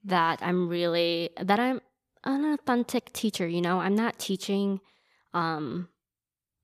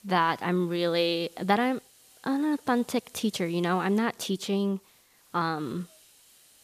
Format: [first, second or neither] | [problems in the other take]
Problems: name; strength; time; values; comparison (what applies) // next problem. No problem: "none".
first | hiss; faint; throughout; 25 dB below the speech